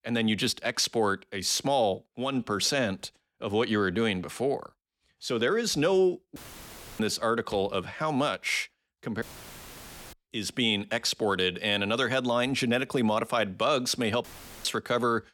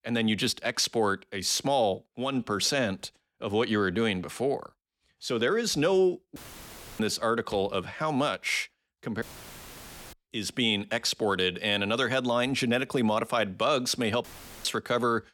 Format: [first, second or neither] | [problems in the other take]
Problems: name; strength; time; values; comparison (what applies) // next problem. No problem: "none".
neither | audio cutting out; filled with static; at 6.5 s for 0.5 s, at 9 s for 1 s and at 14 s; the same in both